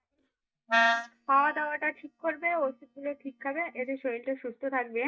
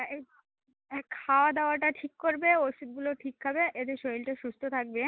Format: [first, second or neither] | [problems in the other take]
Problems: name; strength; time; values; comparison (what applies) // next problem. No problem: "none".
second | noise reduction (neural mask model DeepFilterNet 3)